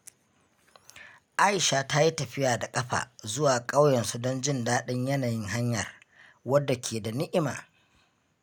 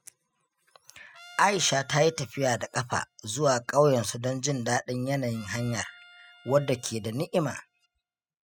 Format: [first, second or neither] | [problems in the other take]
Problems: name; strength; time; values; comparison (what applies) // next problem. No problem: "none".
first | noise reduction (classical method spectral subtraction)